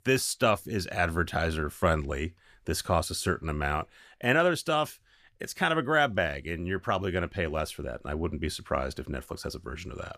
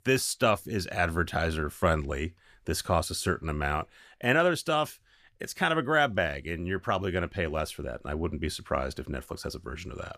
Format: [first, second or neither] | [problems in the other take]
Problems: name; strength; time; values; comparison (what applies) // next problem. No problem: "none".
neither | none